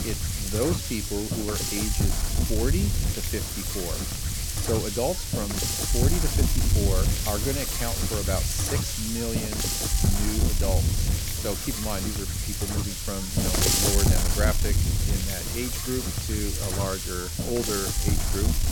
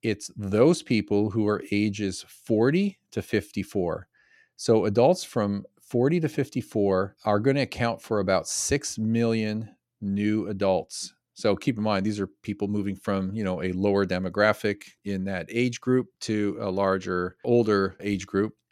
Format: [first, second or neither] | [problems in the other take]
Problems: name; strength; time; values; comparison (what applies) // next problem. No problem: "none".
second | wind noise on the microphone; heavy; 4 dB above the speech